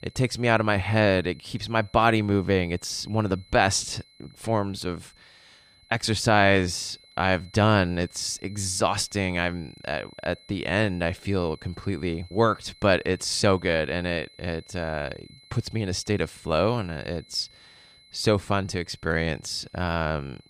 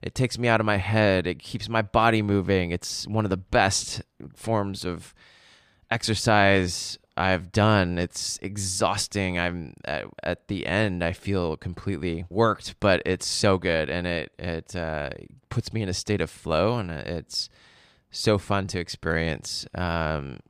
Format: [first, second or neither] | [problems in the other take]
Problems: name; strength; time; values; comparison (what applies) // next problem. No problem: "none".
second | high-pitched whine; faint; throughout; 4 kHz, 25 dB below the speech